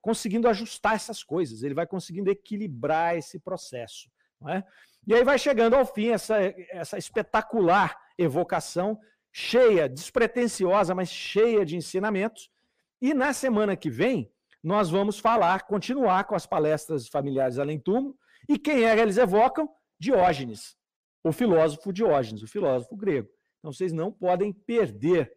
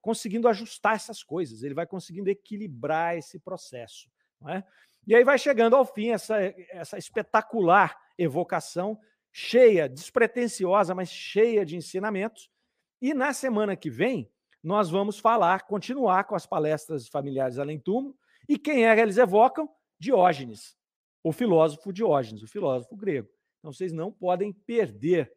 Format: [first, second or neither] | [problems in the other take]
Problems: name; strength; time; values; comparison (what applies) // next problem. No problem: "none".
second | distortion; slight; 10 dB below the speech